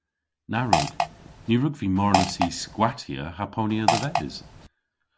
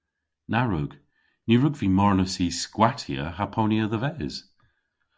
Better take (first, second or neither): second